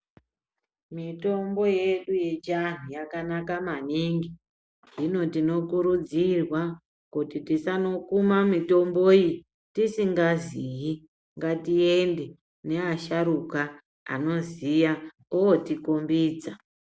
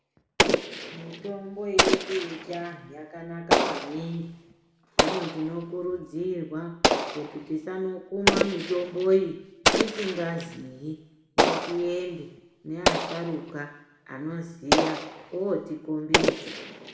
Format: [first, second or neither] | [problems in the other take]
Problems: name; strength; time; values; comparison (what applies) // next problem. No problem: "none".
first | background sound (Explosion); 3 dB above the speech // room echo; dies away in 0.8 s